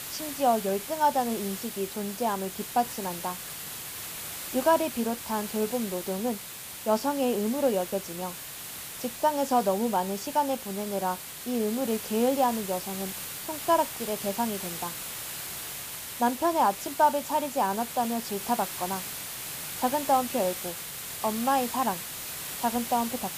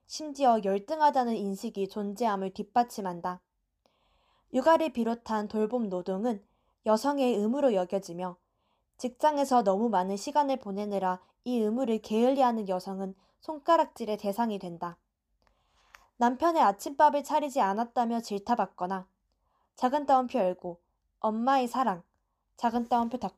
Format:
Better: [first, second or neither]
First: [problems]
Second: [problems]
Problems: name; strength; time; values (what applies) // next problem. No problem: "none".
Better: second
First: hiss; loud; throughout; 7 dB below the speech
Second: none